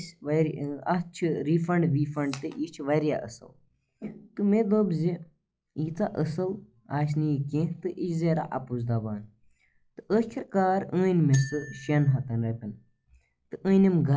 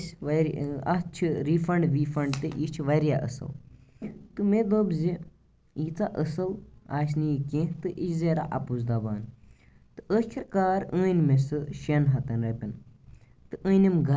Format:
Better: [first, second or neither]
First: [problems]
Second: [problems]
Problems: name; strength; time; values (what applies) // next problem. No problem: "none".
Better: second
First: noise reduction (classical method log-MMSE)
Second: none